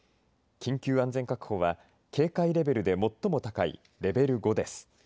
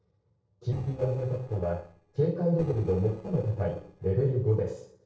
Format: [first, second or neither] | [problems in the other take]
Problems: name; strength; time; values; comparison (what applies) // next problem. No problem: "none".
first | noise reduction (neural separator model SepFormer DNS4)